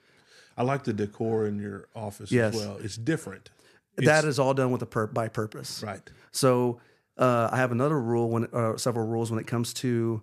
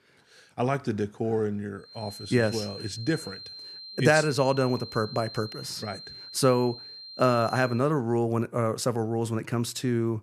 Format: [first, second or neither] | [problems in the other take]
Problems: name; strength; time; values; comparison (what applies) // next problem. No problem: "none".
first | high-pitched whine; noticeable; from 2 to 7.5 s; 4 kHz, 15 dB below the speech